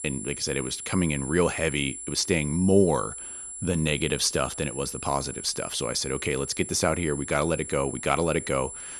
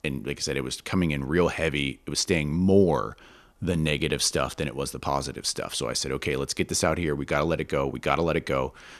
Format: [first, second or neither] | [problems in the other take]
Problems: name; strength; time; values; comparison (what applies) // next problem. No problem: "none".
second | high-pitched whine; loud; throughout; 10 kHz, 9 dB below the speech